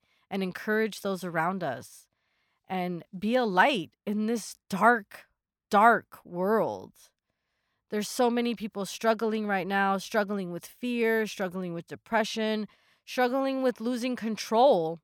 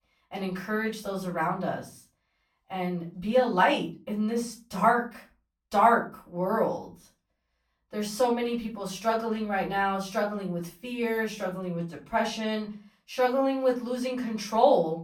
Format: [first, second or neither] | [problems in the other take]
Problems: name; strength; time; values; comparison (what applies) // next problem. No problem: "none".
first | off-mic speech; far // room echo; slight; dies away in 0.3 s